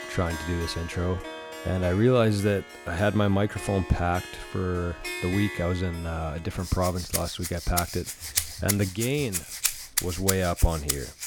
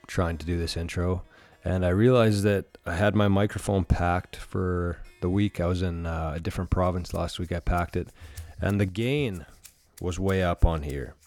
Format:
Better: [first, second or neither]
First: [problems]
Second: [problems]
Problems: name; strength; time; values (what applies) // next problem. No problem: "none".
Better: second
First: background music; loud; throughout; 5 dB below the speech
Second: background music; faint; throughout; 30 dB below the speech